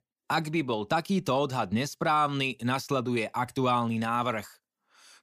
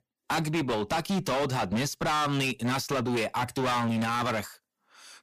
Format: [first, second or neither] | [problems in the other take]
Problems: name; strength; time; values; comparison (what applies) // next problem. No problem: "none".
first | distortion; heavy; 23% of the sound clipped